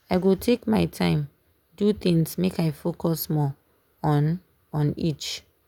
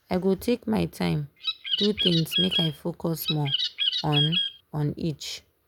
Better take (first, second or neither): first